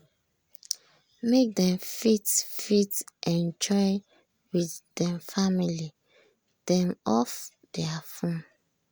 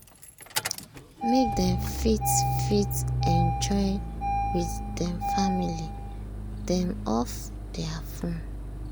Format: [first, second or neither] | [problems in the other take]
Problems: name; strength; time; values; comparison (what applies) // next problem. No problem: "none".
first | background sound (Engine starting); as loud as the speech